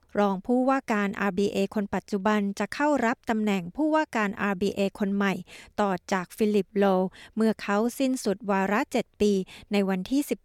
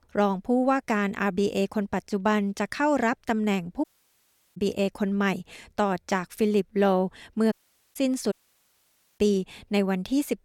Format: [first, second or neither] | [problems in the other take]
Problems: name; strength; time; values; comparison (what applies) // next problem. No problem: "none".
first | audio cutting out; at 4 s for 0.5 s, at 7.5 s and at 8.5 s for 1 s